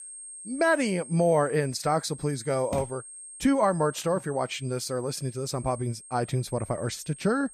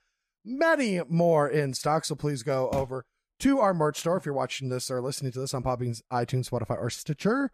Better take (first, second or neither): second